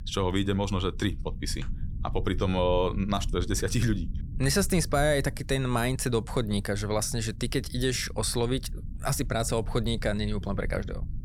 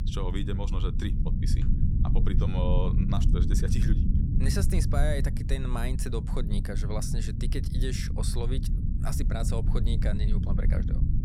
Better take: first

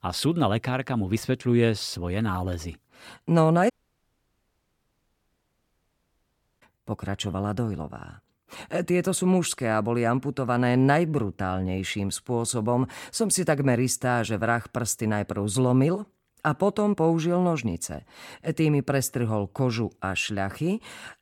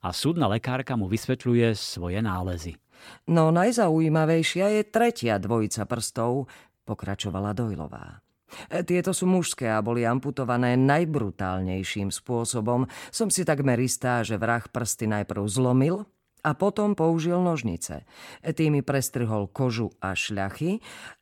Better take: second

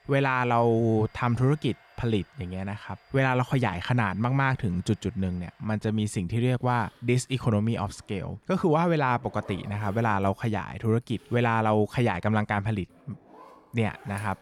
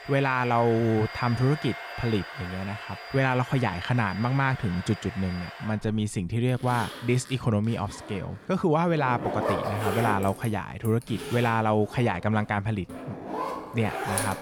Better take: first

